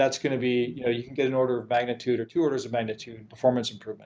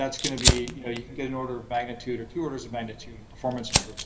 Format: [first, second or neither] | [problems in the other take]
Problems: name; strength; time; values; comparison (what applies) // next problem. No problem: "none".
first | background sound (Fire); 2 dB above the speech // room echo; dies away in 1.4 s